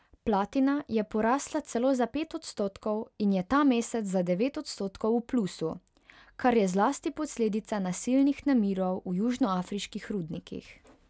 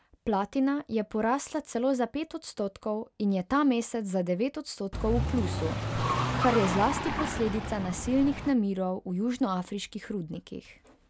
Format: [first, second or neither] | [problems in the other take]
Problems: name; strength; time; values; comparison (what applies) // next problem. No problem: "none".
first | background sound (Car); 1 dB below the speech